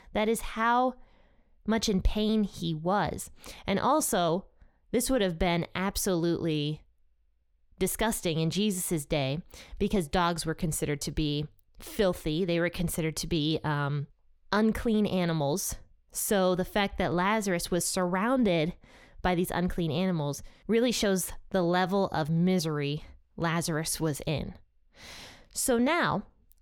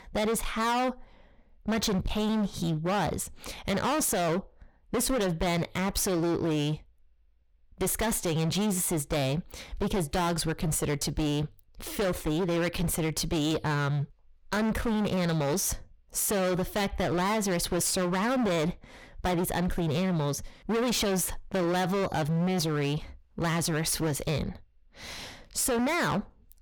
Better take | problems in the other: first | distortion; heavy; 25% of the sound clipped

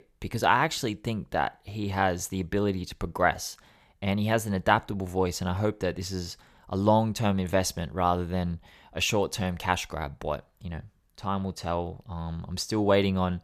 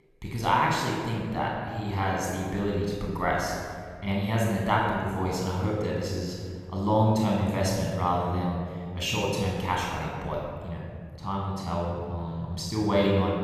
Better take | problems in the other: first | off-mic speech; far // room echo; noticeable; dies away in 1.9 s

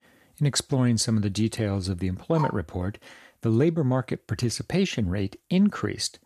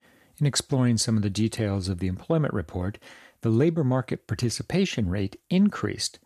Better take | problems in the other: second | dog barking; noticeable; at 2.5 s; peak 8 dB below the speech

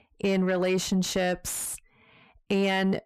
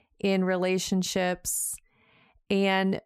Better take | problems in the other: second | distortion; slight; 10 dB below the speech

